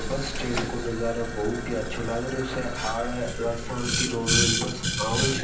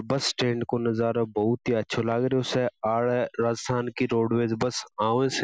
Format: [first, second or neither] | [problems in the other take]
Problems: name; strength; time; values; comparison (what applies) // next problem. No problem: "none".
second | background sound (Boiling); 1 dB above the speech // room echo; dies away in 0.6 s